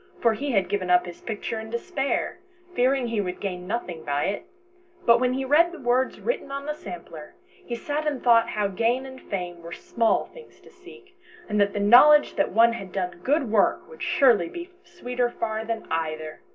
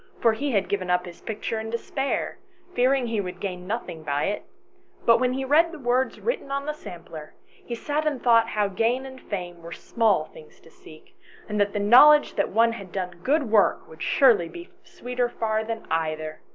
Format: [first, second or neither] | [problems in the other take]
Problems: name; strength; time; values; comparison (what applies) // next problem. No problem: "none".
second | room echo; dies away in 0.4 s